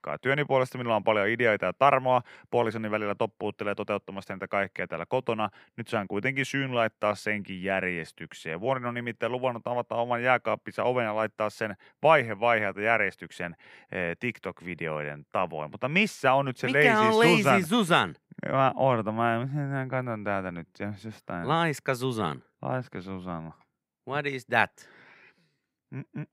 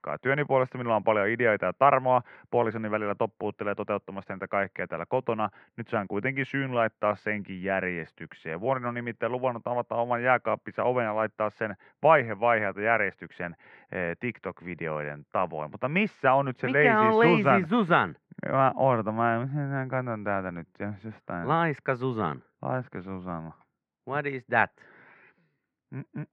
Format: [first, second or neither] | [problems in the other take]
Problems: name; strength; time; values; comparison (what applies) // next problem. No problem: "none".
first | muffled; very; fading above 1.5 kHz